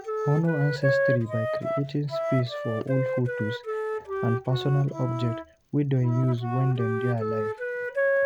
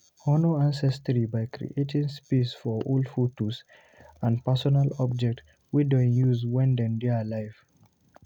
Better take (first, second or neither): second